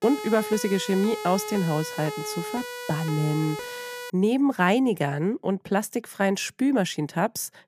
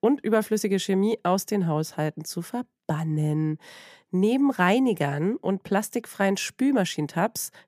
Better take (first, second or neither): second